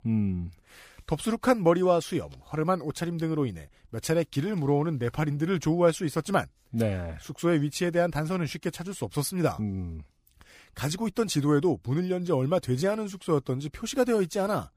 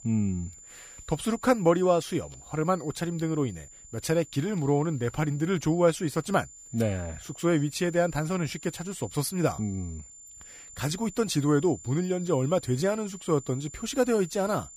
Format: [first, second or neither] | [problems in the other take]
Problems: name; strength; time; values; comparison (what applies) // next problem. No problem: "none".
first | high-pitched whine; noticeable; throughout; 7 kHz, 15 dB below the speech